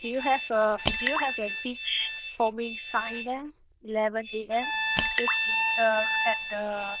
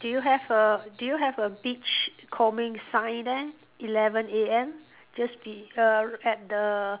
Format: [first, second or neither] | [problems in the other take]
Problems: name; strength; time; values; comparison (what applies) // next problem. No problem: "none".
second | noise reduction (neural diffusion model UNIVERSE++)